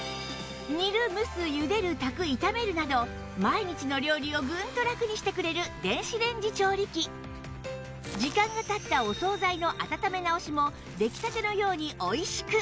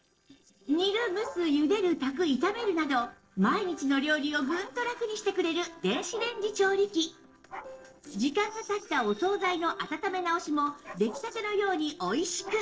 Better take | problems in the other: first | noise reduction (neural separator model SepFormer DNS4)

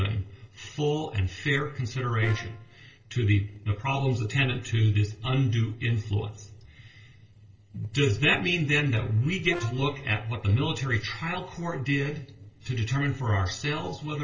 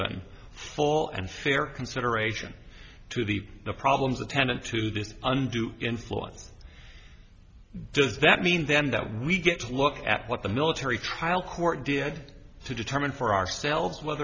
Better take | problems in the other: second | noise reduction (neural separator model SepFormer DNS4)

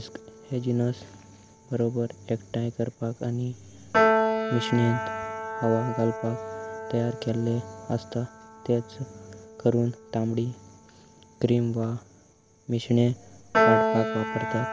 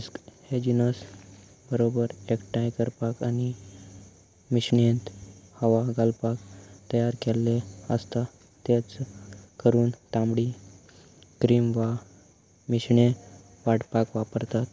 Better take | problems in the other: second | background sound (Piano); 2 dB below the speech

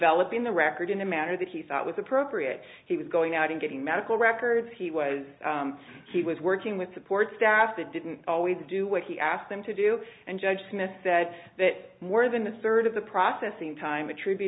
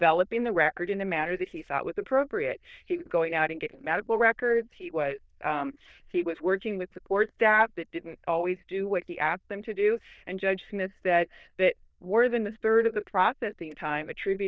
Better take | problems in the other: first | noise reduction (neural diffusion model UNIVERSE++)

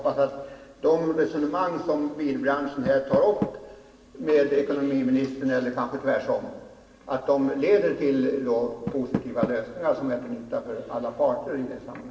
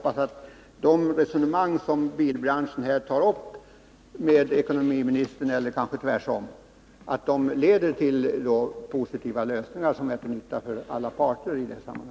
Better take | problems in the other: second | background sound (Door); 15 dB below the speech // room echo; dies away in 1.2 s

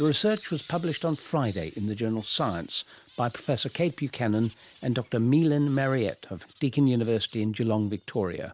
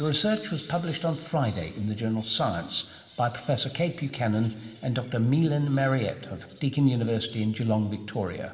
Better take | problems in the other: first | room echo; dies away in 1.5 s

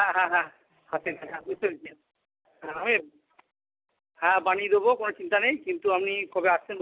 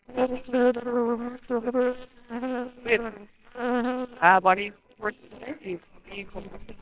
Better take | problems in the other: first | noise reduction (neural separator model SepFormer WHAMR!)

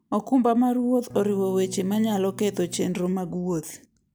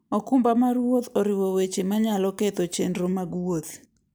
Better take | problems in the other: second | background sound (Electric guitar / Strum); 16 dB below the speech

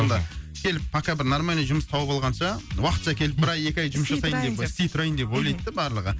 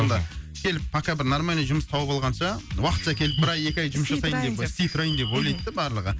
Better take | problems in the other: first | background sound (Bird); 12 dB below the speech

